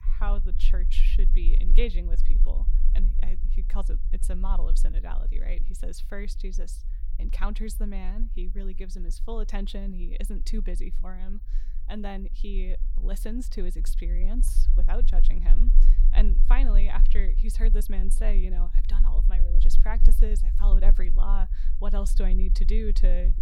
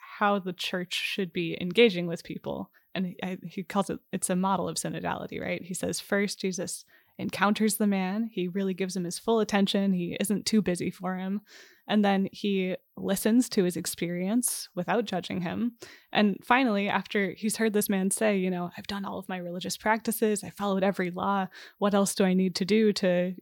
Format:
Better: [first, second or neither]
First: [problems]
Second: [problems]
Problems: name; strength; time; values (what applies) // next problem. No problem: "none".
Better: second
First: low rumble; noticeable; throughout; 15 dB below the speech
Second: none